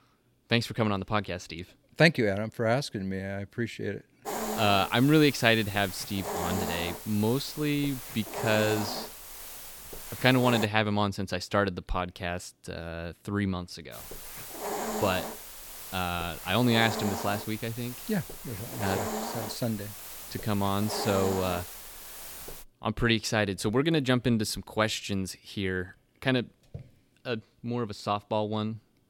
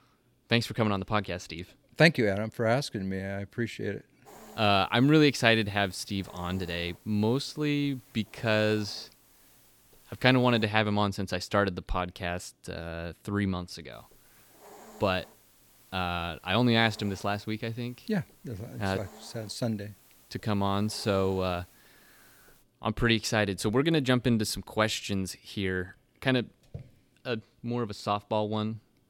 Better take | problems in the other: second | hiss; loud; from 4.5 to 11 s and from 14 to 23 s; 8 dB below the speech; faint in the second

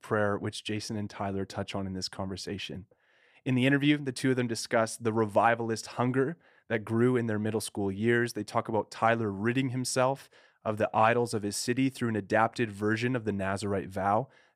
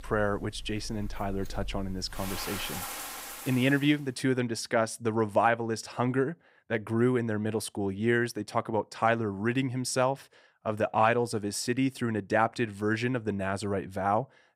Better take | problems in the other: first | household noises; noticeable; until 3.5 s; 10 dB below the speech

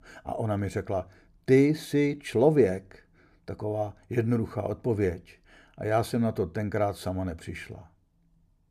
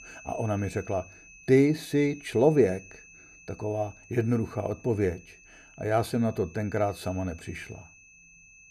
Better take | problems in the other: first | high-pitched whine; faint; throughout; 2.5 kHz, 20 dB below the speech

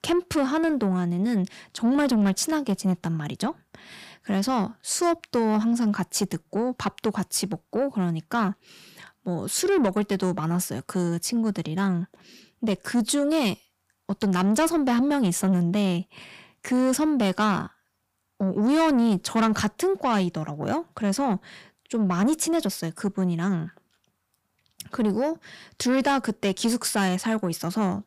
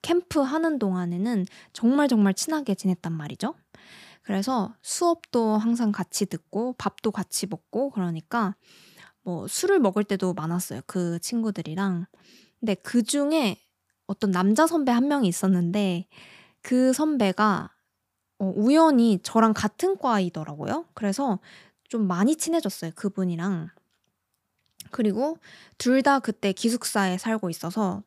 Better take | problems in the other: second | distortion; slight; 10 dB below the speech

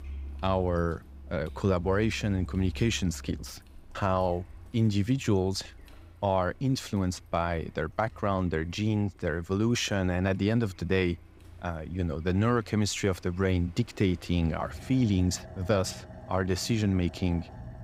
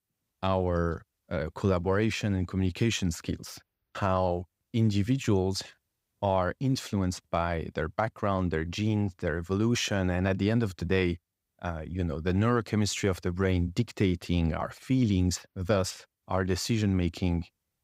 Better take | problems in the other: second | traffic noise; noticeable; throughout; 20 dB below the speech

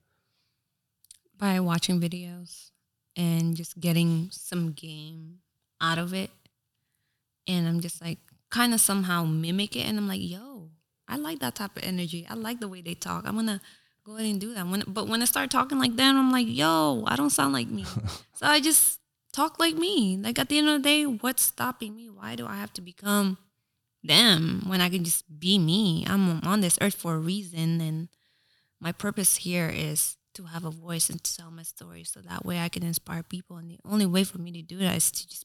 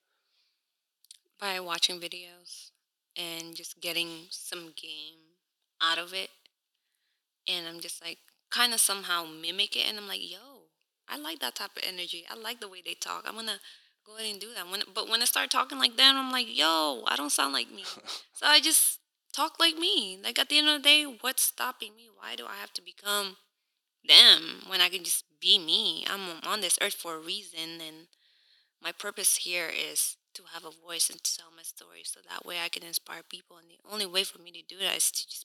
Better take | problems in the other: first | thin; very; fading below 350 Hz

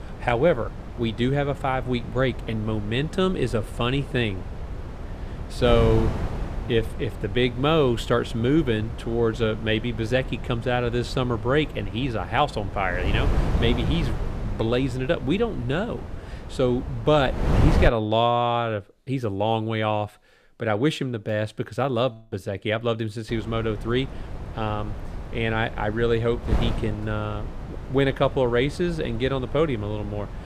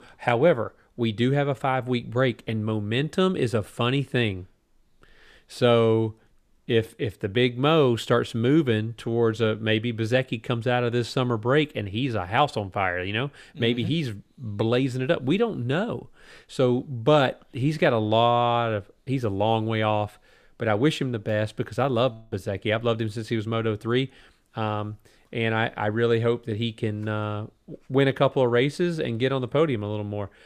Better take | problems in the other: second | wind noise on the microphone; occasional gusts; until 18 s and from 23 s on; 15 dB below the speech

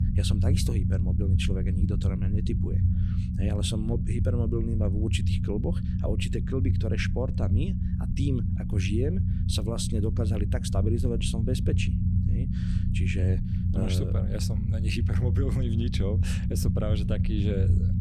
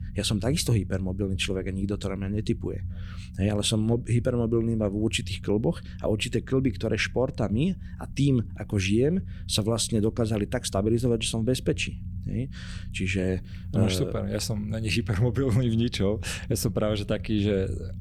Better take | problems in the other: second | low rumble; loud; throughout; 4 dB below the speech; faint in the second

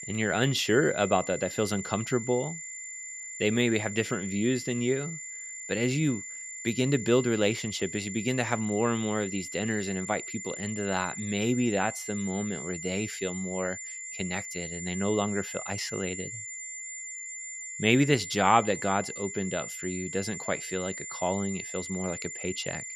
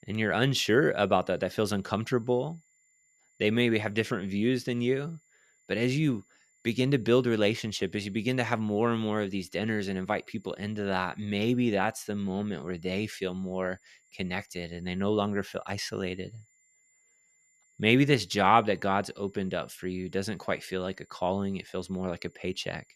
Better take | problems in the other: second | high-pitched whine; loud; throughout; 7 kHz, 8 dB below the speech; faint in the second

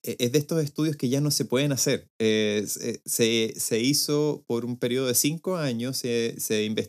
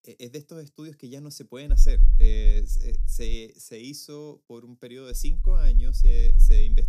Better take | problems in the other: first | low rumble; noticeable; from 1.5 to 3.5 s and from 5 s on; 10 dB below the speech

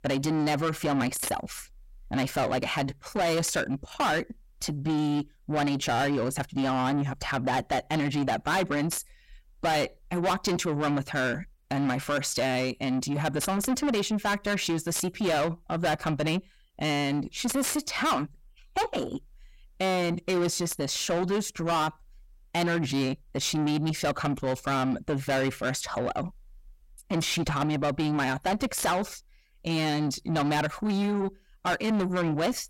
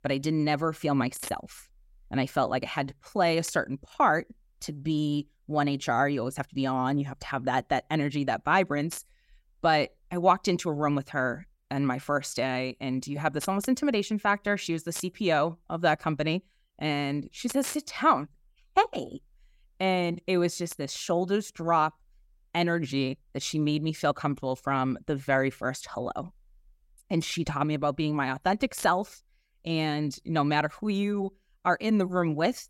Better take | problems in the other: second | distortion; heavy; 6 dB below the speech

